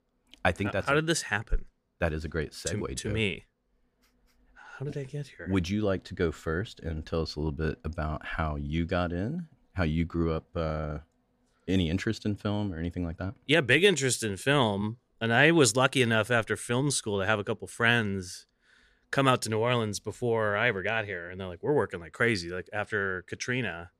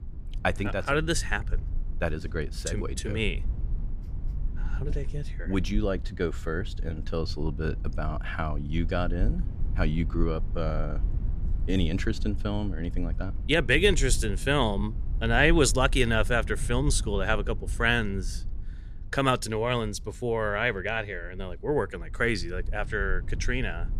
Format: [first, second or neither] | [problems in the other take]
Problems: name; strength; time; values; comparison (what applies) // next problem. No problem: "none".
first | low rumble; faint; throughout; 25 dB below the speech